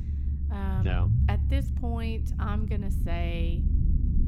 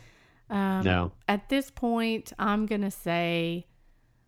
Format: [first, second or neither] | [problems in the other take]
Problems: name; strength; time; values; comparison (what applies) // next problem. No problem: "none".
second | low rumble; loud; throughout; 5 dB below the speech